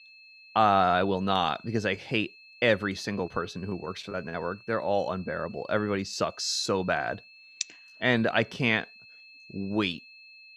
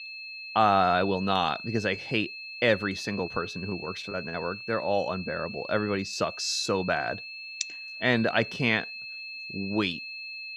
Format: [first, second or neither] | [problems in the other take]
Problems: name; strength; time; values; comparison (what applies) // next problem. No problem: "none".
first | high-pitched whine; loud; throughout; 2.5 kHz, 10 dB below the speech; faint in the first